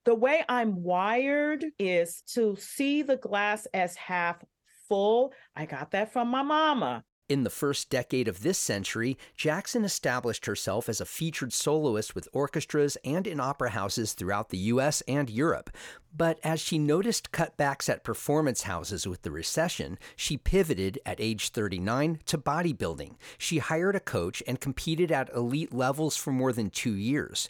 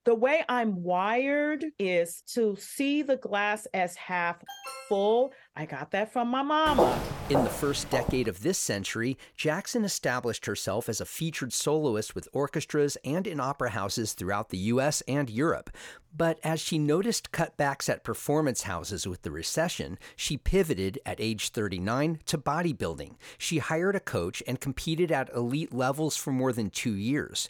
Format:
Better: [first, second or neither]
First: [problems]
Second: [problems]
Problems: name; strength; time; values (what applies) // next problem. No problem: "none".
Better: first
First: none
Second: alarm; faint; at 4.5 s; peak 10 dB below the speech // footsteps; loud; from 6.5 to 8 s; peak 3 dB above the speech